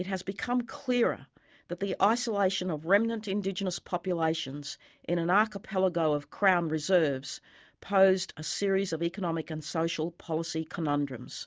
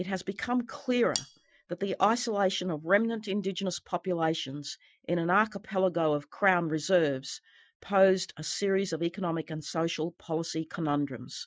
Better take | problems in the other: first | noise reduction (classical method Wiener filter)

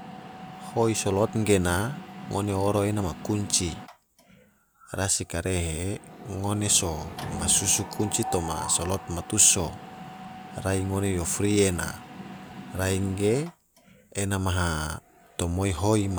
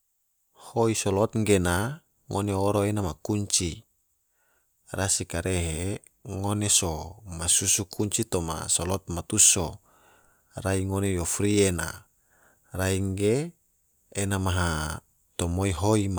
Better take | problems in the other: second | background sound (Mechanisms); 13 dB below the speech

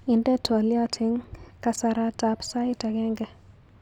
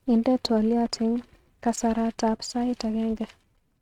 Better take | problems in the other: first | noise reduction (neural mask model RNNoise)

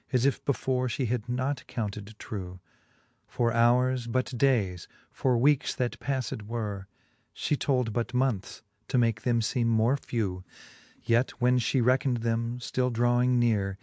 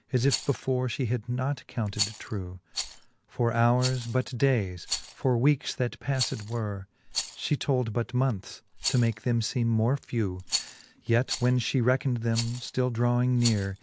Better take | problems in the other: first | background sound (Rattle); 12 dB below the speech

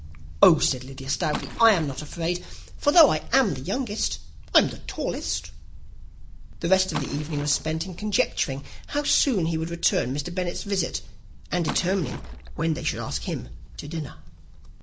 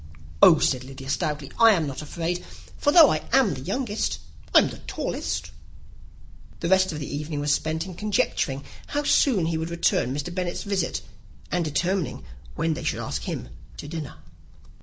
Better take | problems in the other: second | background sound (Liquid); 16 dB below the speech

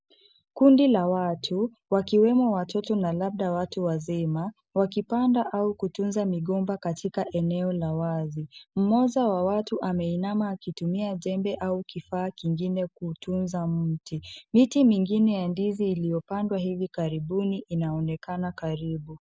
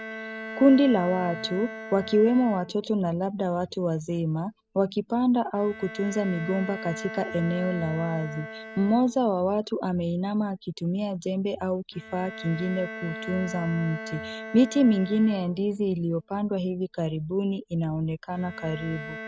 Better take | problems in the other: first | background sound (Bowed string instrument); 14 dB below the speech

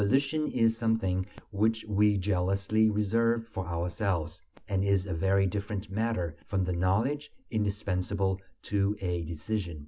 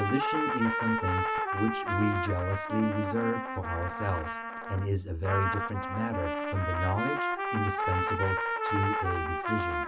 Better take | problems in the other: first | background sound (Trumpet); as loud as the speech

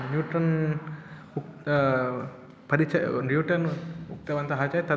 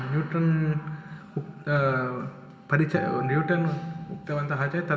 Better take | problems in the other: first | background sound (Acoustic guitar); 15 dB below the speech // room echo; dies away in 0.6 s

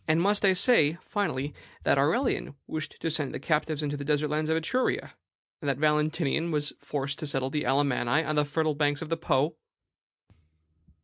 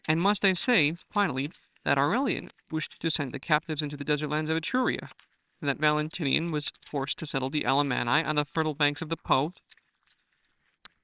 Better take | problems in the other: first | noise reduction (neural separator model SepFormer WHAMR!)

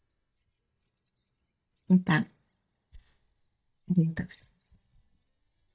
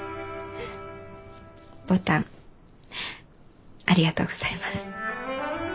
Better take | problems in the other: second | noise reduction (neural mask model DeepFilterNet 3)

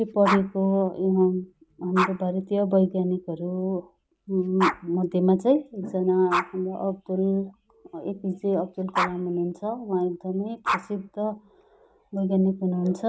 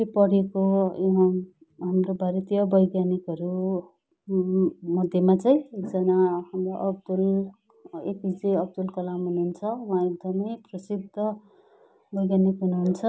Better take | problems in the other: second | background sound (Dog); 9 dB below the speech

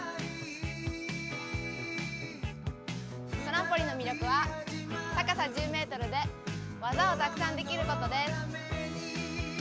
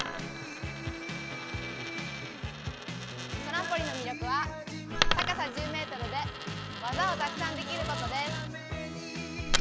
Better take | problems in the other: first | background sound (Coin (dropping)); 2 dB below the speech

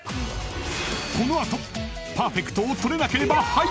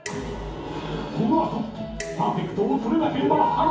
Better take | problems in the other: first | background sound (Dishes, pots, and pans); 16 dB below the speech // room echo; dies away in 0.6 s

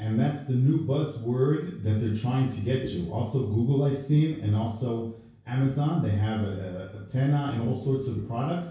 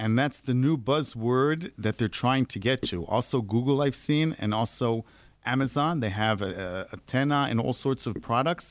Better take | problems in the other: second | room echo; dies away in 0.6 s

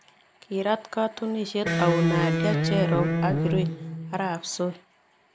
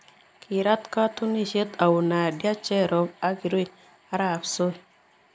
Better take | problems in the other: second | background sound (Electric guitar); 3 dB above the speech

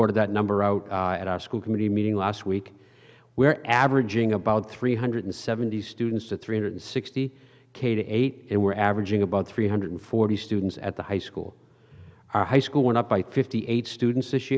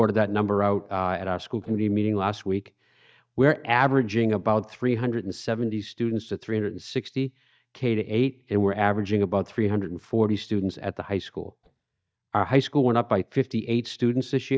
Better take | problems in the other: first | noise reduction (neural mask model DeepFilterNet 3)

